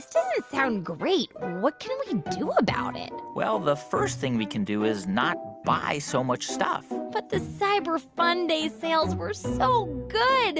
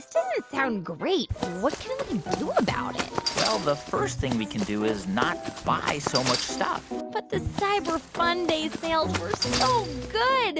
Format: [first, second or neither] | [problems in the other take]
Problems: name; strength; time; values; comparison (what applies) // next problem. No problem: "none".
first | background sound (Run); 6 dB below the speech